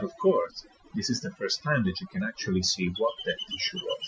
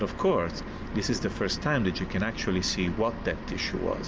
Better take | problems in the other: second | noise reduction (classical method Wiener filter)

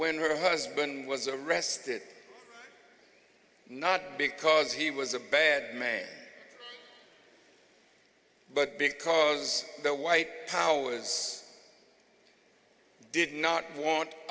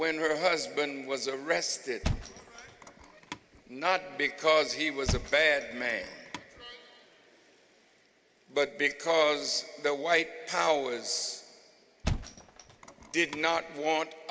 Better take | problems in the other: first | background sound (Thump, thud); 7 dB below the speech

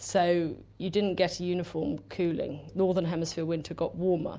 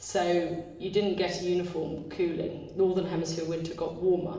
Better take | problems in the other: first | room echo; dies away in 1.1 s

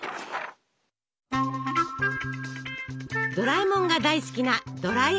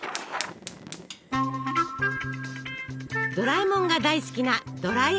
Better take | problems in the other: first | background sound (Fire); 18 dB below the speech

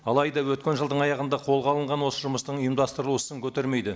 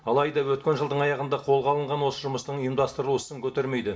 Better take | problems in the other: first | room echo; dies away in 0.2 s

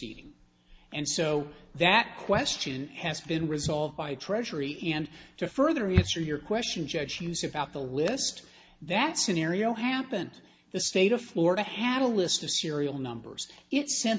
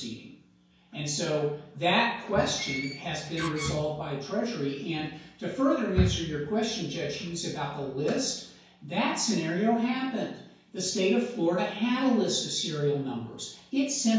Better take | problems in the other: first | background sound (Door); 10 dB below the speech // room echo; dies away in 0.5 s

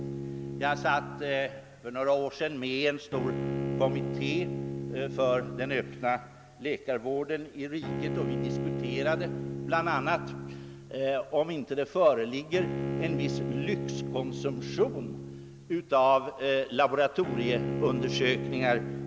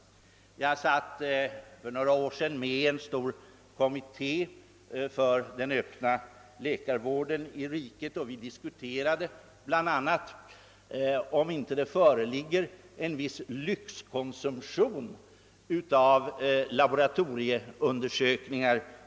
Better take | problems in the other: second | background sound (Bowed string instrument); 5 dB below the speech

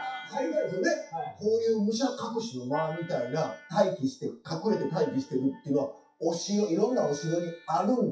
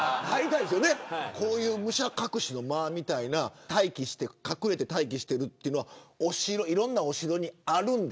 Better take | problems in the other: second | noise reduction (classical method WPE with log-MMSE)

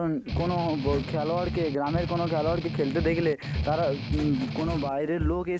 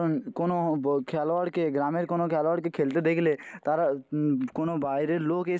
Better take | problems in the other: second | background sound (Strum + Walk, footsteps); 4 dB below the speech

